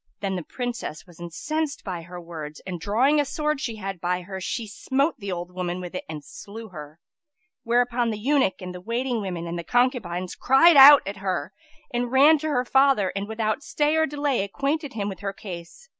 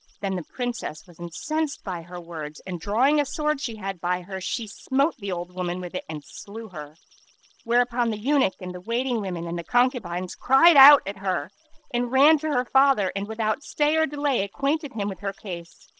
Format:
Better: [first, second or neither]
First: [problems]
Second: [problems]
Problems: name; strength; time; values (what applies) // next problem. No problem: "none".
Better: first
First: none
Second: noise reduction (neural separator model SepFormer DNS4)